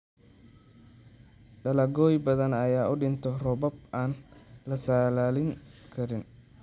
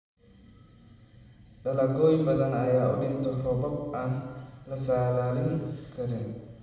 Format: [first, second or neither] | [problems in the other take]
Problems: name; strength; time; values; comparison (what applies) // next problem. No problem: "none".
first | room echo; dies away in 1.1 s